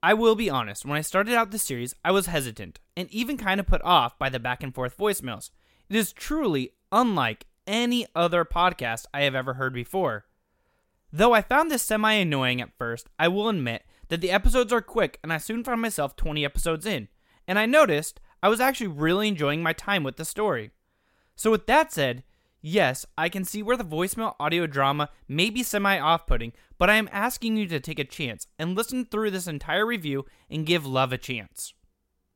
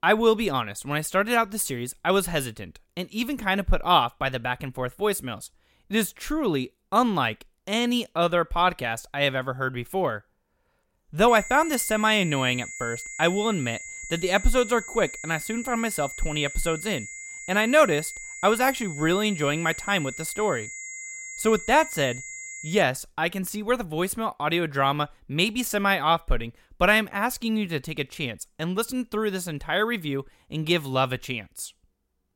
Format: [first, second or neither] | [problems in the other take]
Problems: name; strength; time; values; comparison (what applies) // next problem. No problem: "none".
first | high-pitched whine; noticeable; from 11 to 23 s; 2 kHz, 10 dB below the speech